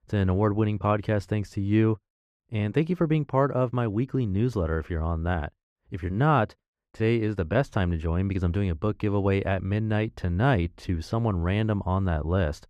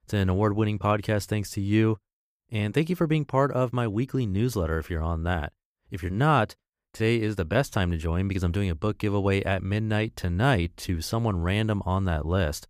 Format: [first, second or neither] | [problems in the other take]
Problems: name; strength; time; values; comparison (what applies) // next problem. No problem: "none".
second | muffled; slightly; fading above 2 kHz